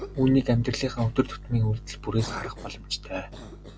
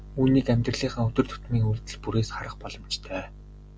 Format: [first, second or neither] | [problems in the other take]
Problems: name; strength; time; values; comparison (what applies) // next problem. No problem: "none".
second | background sound (Cough); 18 dB below the speech